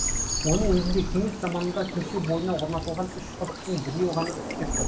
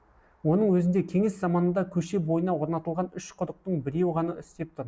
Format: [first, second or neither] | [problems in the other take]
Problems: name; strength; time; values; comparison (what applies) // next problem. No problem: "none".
second | background sound (Stream / Bird vocalization, bird call, bird song); 3 dB below the speech // room echo; dies away in 0.3 s